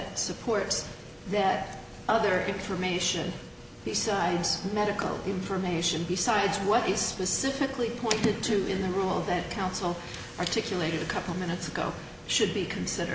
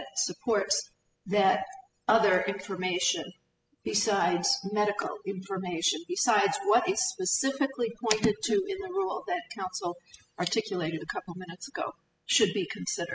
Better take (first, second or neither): first